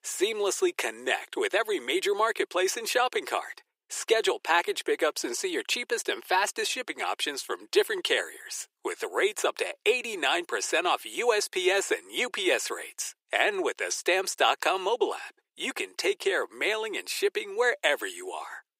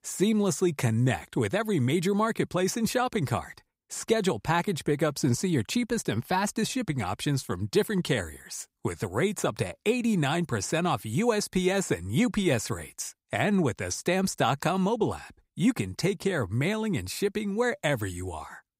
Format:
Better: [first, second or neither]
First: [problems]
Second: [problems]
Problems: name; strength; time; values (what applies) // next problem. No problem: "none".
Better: second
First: thin; very; fading below 350 Hz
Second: none